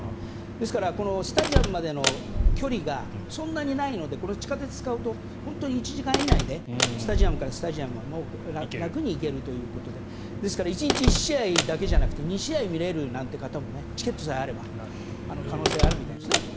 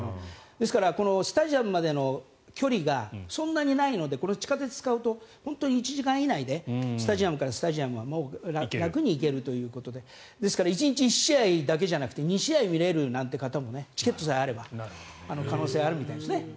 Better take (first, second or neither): second